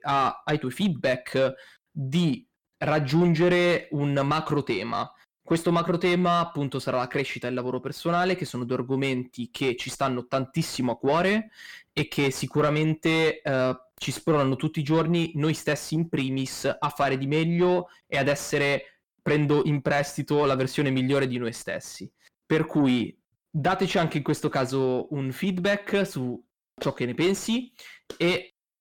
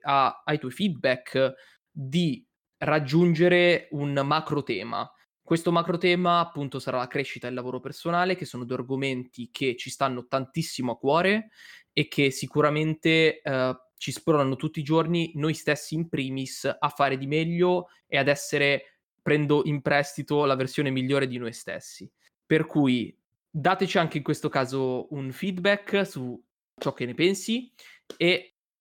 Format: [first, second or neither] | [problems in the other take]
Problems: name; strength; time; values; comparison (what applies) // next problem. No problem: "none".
second | distortion; slight; 10 dB below the speech